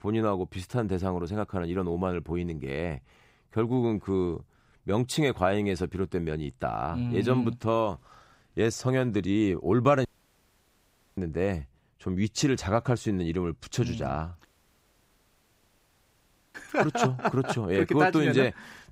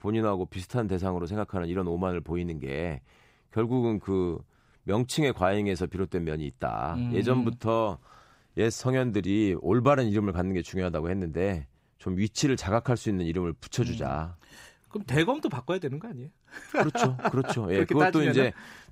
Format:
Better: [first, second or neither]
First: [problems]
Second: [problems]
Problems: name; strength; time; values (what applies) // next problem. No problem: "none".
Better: second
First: audio cutting out; at 10 s for 1 s and at 14 s for 2 s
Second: none